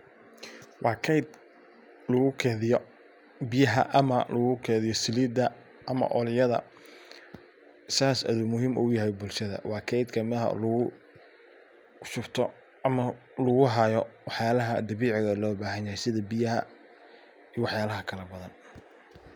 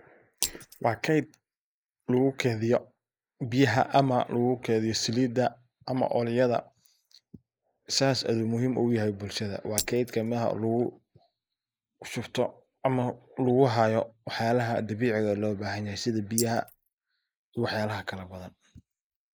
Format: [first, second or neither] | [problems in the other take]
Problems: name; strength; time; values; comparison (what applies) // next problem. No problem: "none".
first | noise reduction (neural mask model Resemble Enhance denoiser)